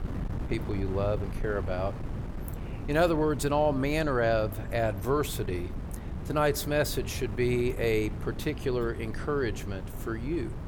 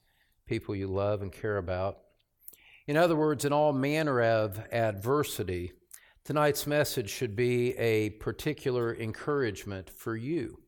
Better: second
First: wind noise on the microphone; occasional gusts; 15 dB below the speech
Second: none

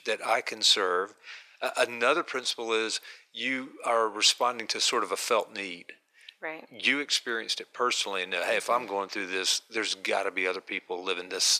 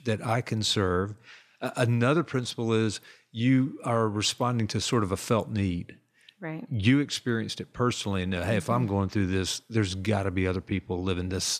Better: second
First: thin; very; fading below 500 Hz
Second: none

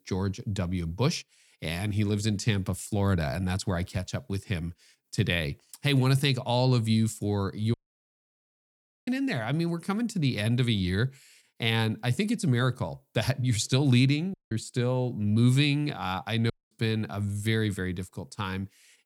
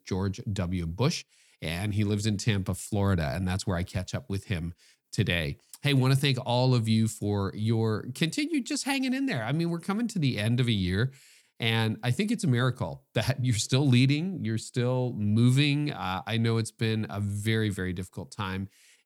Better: second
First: audio cutting out; at 7.5 s for 1.5 s, at 14 s and at 17 s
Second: none

